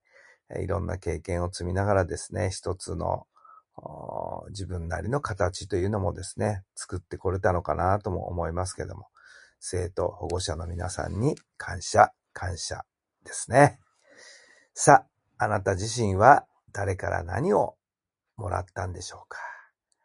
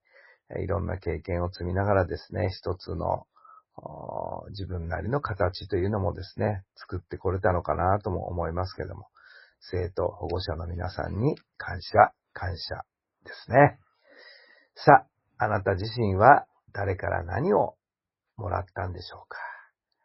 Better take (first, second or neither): first